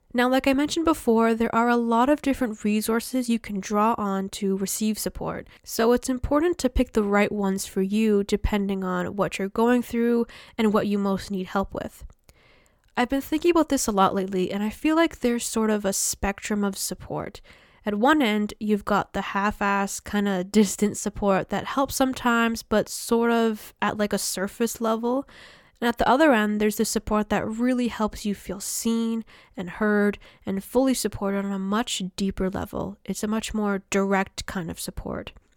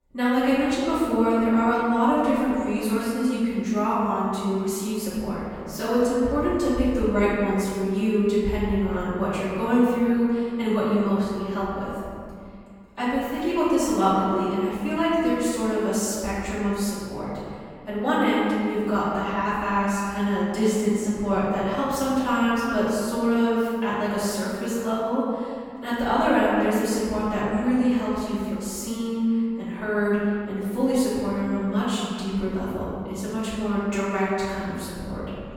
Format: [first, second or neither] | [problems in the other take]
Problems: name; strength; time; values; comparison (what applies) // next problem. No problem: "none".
first | off-mic speech; far // room echo; strong; dies away in 2 s